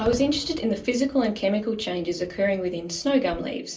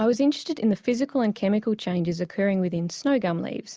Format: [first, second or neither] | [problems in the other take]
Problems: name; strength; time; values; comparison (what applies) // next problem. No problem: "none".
second | background sound (Fireworks); 18 dB below the speech // room echo; dies away in 0.3 s